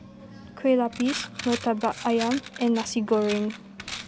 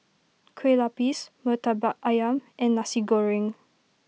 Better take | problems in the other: second | background sound (Coin (dropping)); 12 dB below the speech

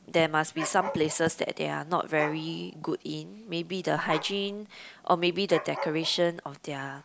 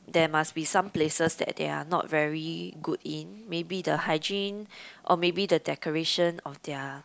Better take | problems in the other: second | background sound (Dog); 13 dB below the speech

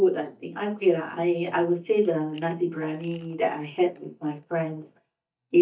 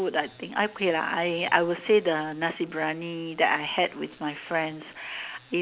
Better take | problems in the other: second | noise reduction (neural mask model DeepFilterNet 3)

